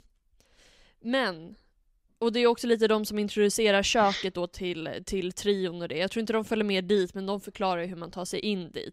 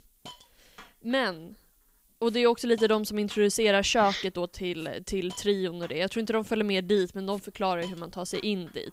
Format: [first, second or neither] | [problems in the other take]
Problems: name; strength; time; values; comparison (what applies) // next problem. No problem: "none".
first | hiss; faint; throughout; 25 dB below the speech